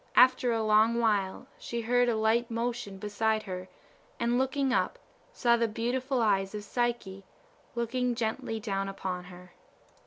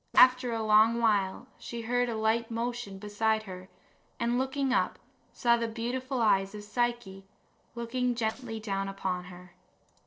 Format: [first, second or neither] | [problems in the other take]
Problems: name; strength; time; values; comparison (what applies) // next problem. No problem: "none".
first | noise reduction (neural separator model SepFormer DNS4)